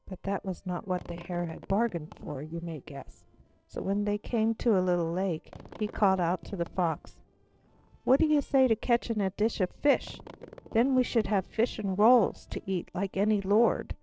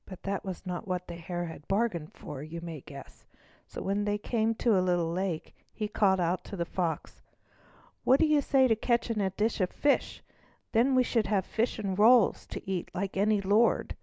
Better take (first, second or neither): second